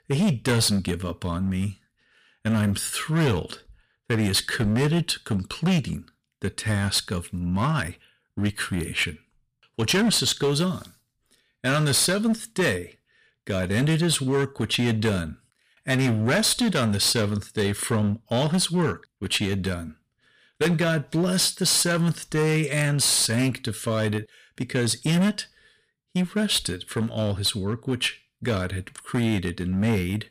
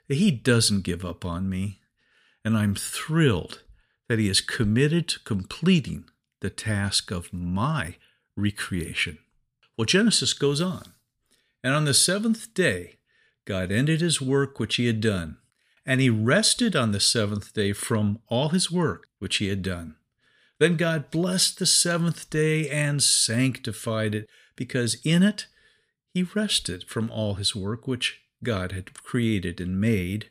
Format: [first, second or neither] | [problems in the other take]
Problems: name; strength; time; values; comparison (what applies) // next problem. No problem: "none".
second | distortion; slight; 10% of the sound clipped